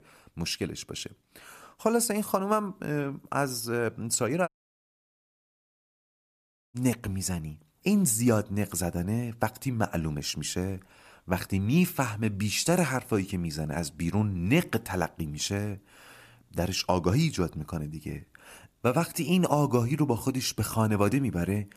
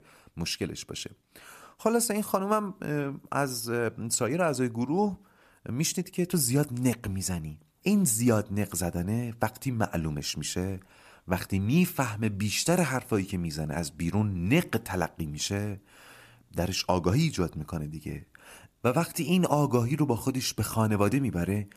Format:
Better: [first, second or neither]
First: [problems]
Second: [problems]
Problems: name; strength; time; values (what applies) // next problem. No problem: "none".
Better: second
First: audio cutting out; at 4.5 s for 2.5 s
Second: none